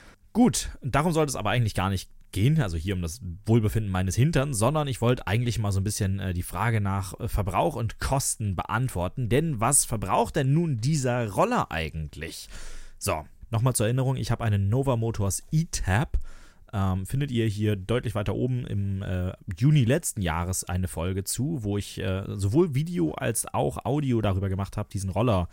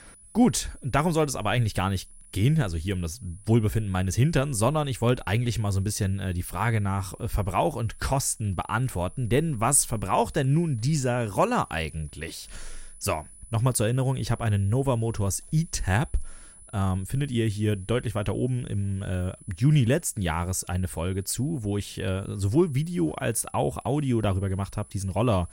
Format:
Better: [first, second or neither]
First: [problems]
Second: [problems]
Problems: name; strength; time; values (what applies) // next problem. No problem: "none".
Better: first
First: none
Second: high-pitched whine; faint; throughout; 10 kHz, 25 dB below the speech